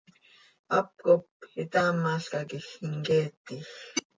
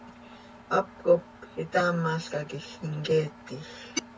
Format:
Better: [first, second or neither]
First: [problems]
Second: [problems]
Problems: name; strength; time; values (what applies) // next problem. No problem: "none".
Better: first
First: none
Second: background sound (Engine); 19 dB below the speech